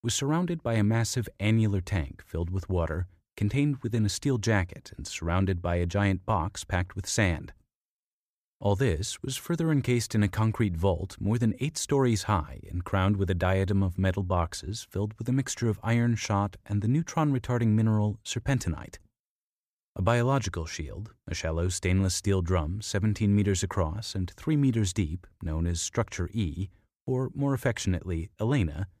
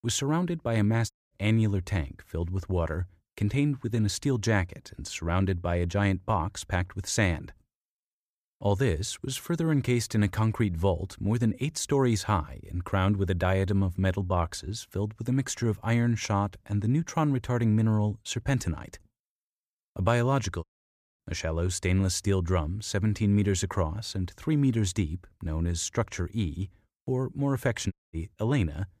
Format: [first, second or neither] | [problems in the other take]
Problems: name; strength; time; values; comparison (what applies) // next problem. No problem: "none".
first | audio cutting out; at 1 s, at 21 s for 0.5 s and at 28 s